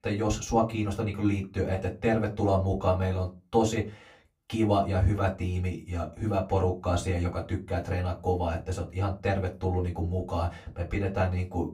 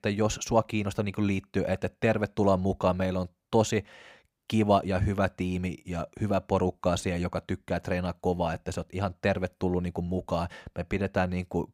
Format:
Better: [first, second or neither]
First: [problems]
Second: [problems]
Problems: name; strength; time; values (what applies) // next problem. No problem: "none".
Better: second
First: off-mic speech; far // room echo; very slight; dies away in 0.2 s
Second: none